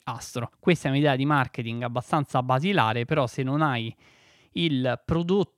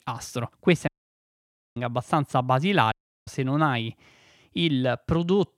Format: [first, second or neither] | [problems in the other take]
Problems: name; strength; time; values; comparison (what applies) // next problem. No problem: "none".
first | audio cutting out; at 1 s for 1 s and at 3 s